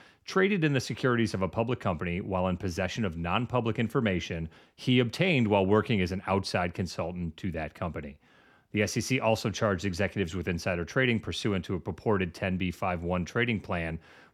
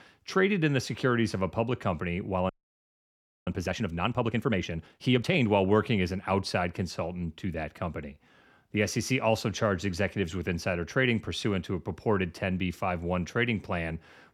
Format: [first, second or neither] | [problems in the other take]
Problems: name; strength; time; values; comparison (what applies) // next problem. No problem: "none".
first | audio freezing; at 2.5 s for 1 s